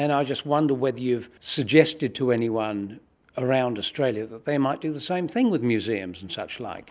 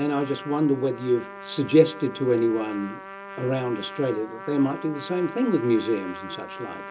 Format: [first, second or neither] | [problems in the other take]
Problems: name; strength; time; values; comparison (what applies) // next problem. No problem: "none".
first | background sound (Trumpet); 14 dB below the speech // room echo; dies away in 0.2 s